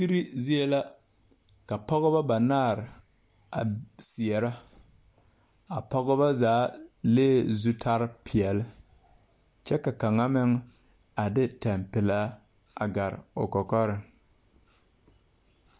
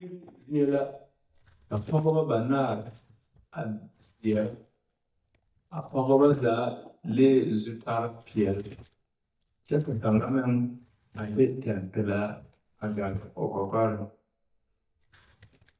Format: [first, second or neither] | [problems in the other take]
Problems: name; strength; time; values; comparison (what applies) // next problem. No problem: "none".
first | noise reduction (neural mask model DeepFilterNet 3)